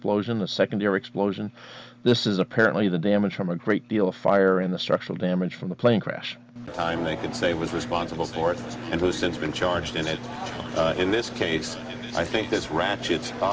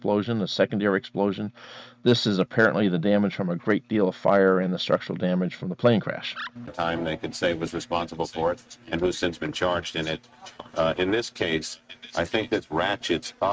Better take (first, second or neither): first